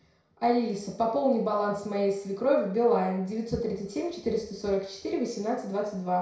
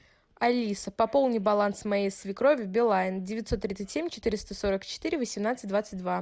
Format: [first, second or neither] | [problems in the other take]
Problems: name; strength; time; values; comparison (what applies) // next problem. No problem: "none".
second | room echo; dies away in 0.5 s